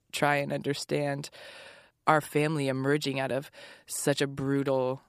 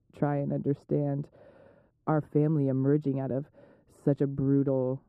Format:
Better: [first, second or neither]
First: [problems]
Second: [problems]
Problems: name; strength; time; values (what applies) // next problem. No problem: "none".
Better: first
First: none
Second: muffled; very; fading above 1 kHz